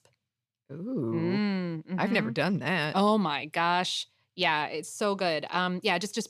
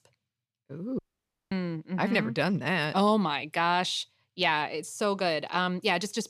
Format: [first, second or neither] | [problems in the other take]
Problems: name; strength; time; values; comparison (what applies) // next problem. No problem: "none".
first | audio cutting out; at 1 s for 0.5 s